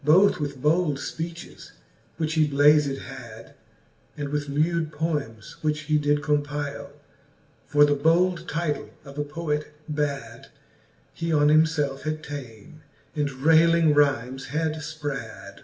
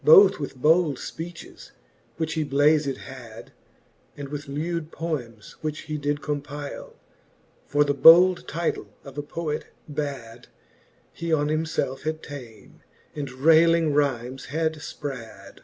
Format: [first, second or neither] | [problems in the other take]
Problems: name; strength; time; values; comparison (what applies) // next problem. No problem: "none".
second | room echo; dies away in 0.6 s